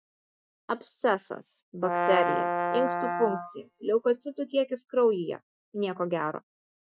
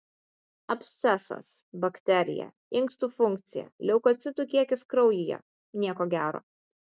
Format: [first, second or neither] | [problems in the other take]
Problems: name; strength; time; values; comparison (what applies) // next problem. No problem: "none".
second | noise reduction (classical method Wiener filter)